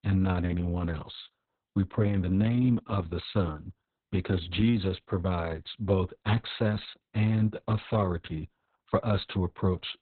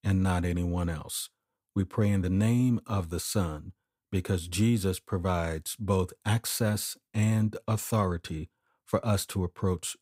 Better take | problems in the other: second | garbled, watery; badly; nothing above 4 kHz

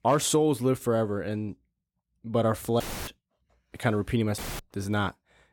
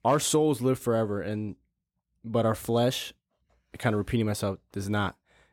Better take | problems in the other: second | audio cutting out; filled with static; at 3 s and at 4.5 s

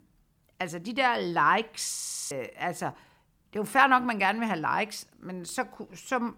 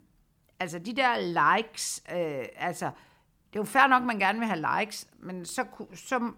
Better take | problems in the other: second | audio freezing; at 2 s

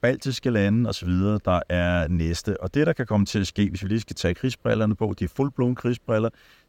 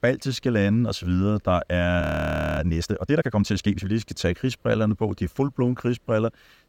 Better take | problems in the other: first | audio freezing; at 2 s for 0.5 s

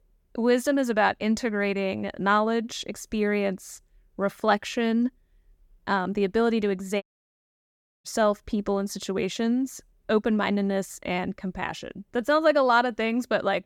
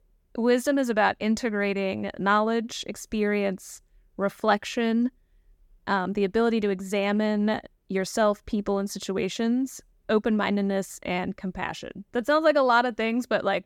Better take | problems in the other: second | audio cutting out; at 7 s for 1 s

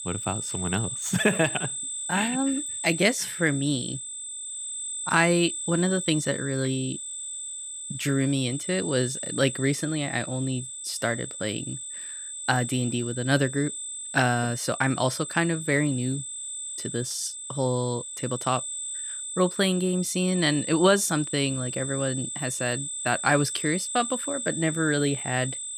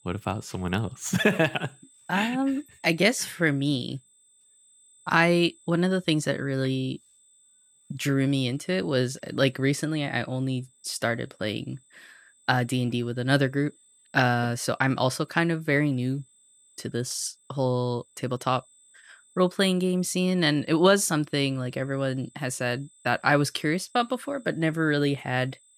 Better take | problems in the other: second | high-pitched whine; loud; throughout; 8 kHz, 5 dB below the speech; faint in the second

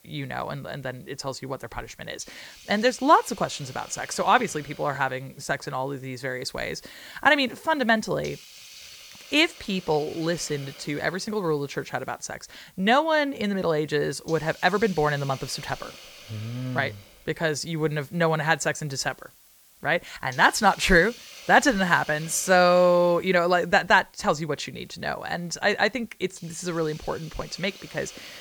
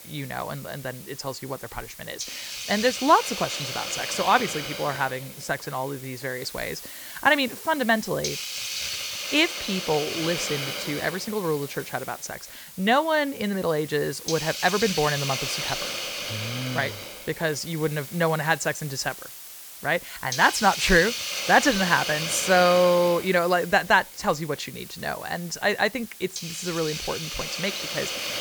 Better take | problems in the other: first | hiss; loud; throughout; 7 dB below the speech; faint in the first

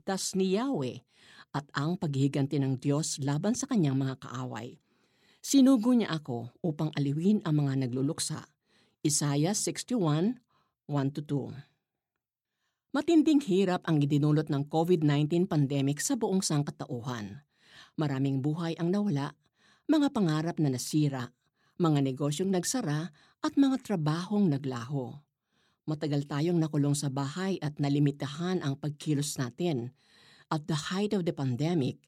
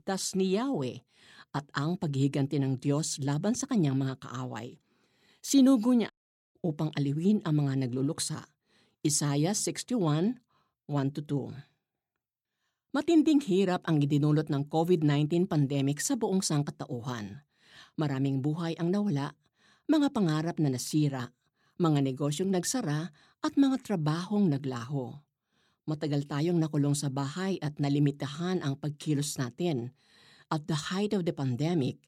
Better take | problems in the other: first | audio cutting out; at 6 s

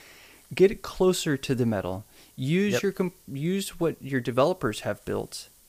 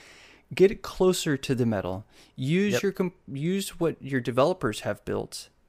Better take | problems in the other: second | hiss; faint; throughout; 30 dB below the speech

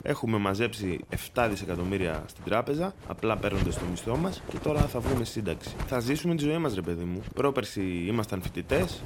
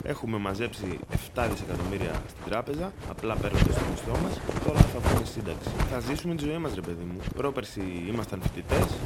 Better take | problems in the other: first | wind noise on the microphone; heavy; as loud as the speech; occasional gusts in the first

